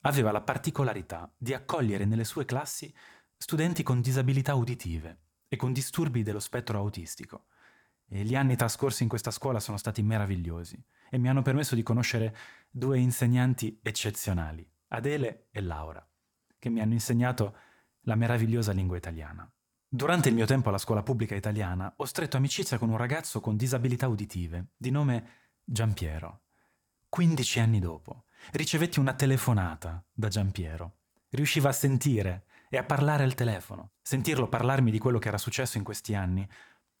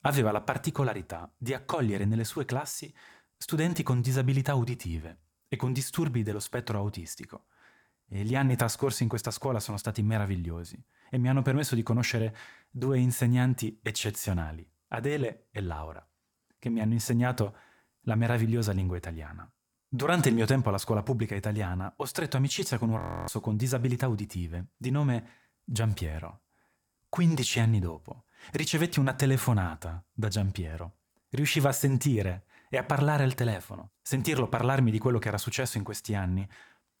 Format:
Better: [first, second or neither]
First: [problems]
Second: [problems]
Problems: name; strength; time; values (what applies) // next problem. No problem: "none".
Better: first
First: none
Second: audio freezing; at 23 s